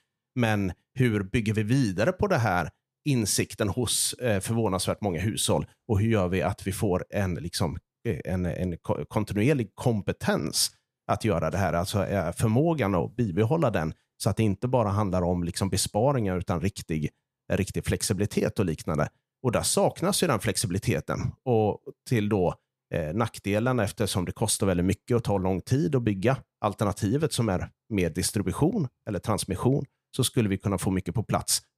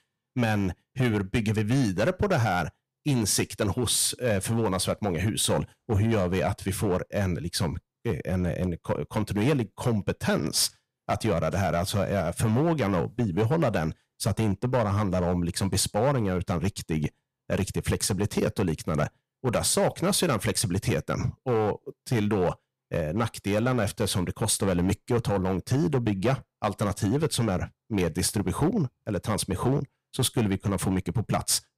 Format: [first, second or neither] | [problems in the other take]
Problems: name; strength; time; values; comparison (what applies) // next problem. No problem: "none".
first | distortion; slight; 6% of the sound clipped